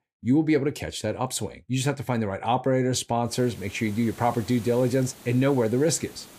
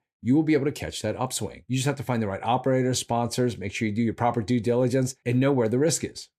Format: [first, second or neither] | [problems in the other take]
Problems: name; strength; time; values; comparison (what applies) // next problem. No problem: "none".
second | hiss; noticeable; from 3.5 s on; 20 dB below the speech